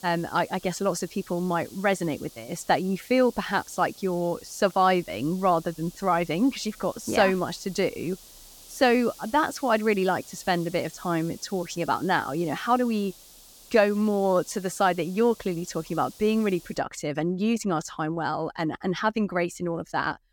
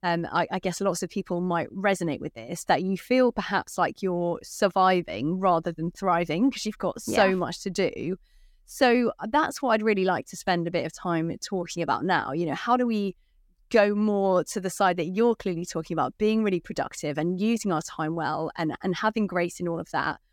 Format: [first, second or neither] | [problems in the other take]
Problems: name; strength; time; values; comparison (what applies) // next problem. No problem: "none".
second | hiss; faint; until 17 s; 20 dB below the speech